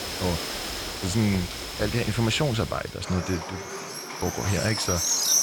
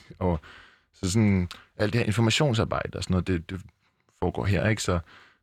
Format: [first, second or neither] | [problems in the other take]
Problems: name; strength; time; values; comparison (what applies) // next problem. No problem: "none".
second | animal sounds; loud; throughout; 2 dB below the speech